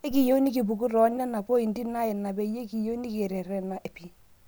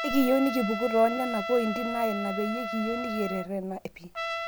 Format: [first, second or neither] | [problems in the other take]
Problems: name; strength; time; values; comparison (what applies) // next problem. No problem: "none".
first | background sound (Trumpet); 6 dB below the speech